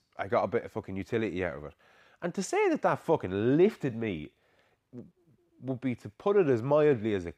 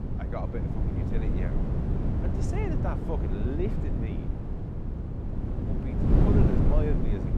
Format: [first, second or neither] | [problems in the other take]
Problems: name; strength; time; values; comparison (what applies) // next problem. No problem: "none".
first | wind noise on the microphone; heavy; 1 dB above the speech